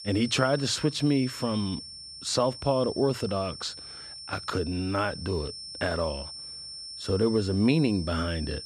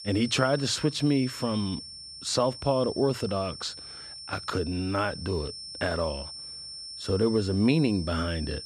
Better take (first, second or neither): neither